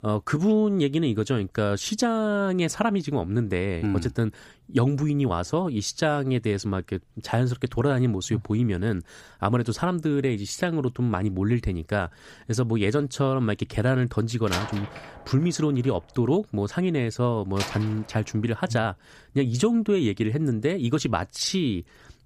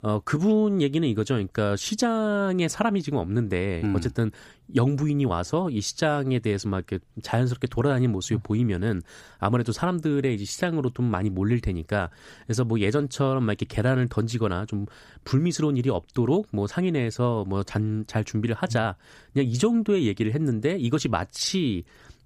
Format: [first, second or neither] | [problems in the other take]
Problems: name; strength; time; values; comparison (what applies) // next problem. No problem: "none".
second | door banging; noticeable; from 14 to 18 s; peak 6 dB below the speech